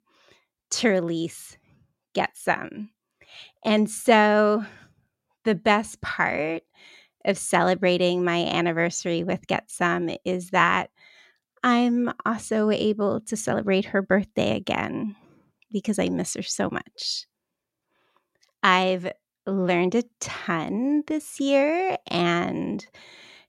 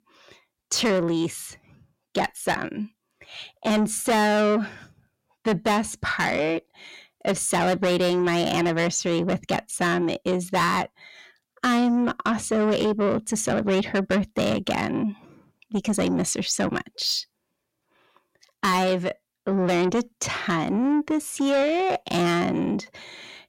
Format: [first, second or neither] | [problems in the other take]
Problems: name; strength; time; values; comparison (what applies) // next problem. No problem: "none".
first | distortion; heavy; 7 dB below the speech